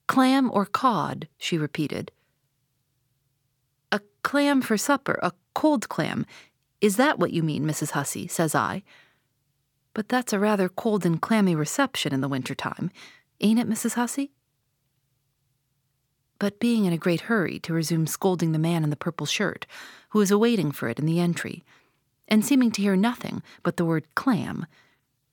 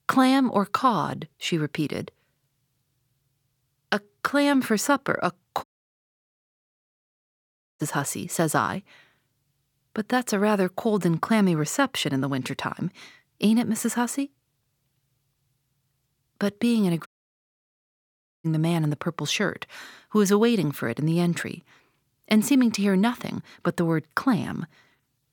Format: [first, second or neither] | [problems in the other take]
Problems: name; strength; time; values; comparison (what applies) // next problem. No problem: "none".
first | audio cutting out; at 5.5 s for 2 s and at 17 s for 1.5 s